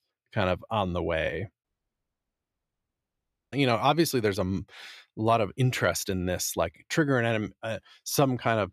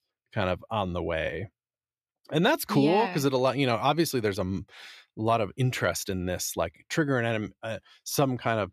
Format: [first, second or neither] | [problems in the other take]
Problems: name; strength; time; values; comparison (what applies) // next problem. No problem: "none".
second | audio cutting out; at 1.5 s for 2 s